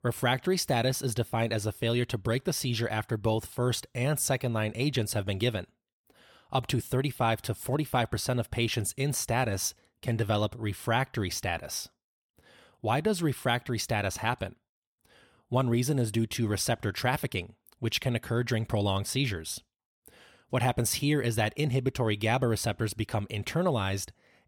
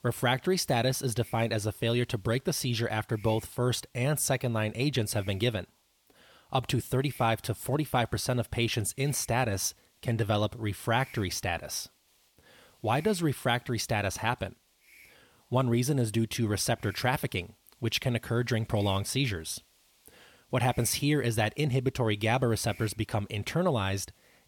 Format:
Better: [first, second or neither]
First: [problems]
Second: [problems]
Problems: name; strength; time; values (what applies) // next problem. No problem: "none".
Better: first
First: none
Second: hiss; faint; throughout; 30 dB below the speech